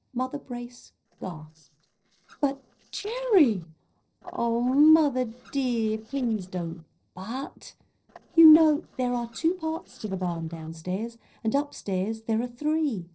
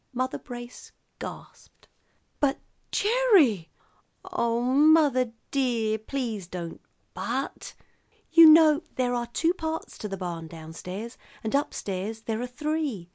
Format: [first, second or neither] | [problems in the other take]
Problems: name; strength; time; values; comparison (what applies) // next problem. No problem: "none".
second | noise reduction (neural separator model SepFormer DNS4)